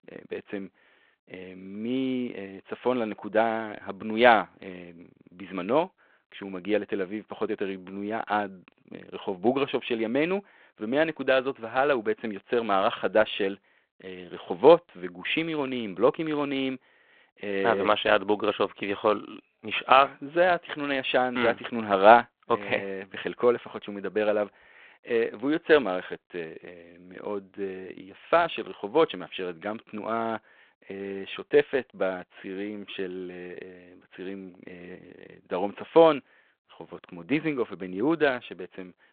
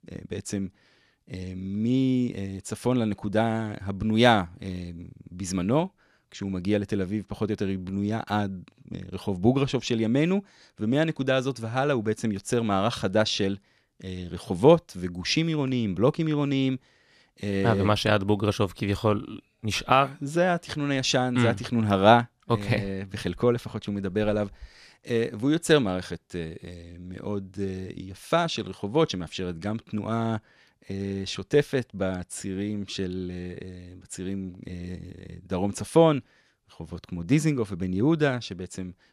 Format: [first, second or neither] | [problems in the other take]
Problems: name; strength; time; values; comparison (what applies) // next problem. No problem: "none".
second | phone-call audio; nothing above 3.5 kHz